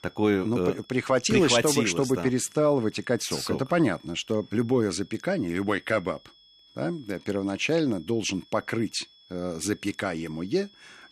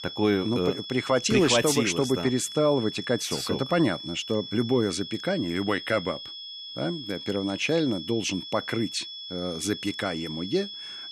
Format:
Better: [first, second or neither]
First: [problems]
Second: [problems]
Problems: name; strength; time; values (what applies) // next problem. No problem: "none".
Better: first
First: high-pitched whine; faint; throughout; 3.5 kHz, 25 dB below the speech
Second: high-pitched whine; loud; throughout; 3.5 kHz, 10 dB below the speech